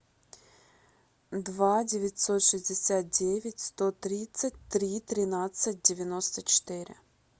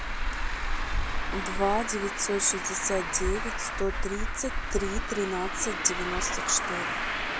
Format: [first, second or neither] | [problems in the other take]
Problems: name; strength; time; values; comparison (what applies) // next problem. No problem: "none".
first | background sound (Traffic noise, roadway noise); 1 dB above the speech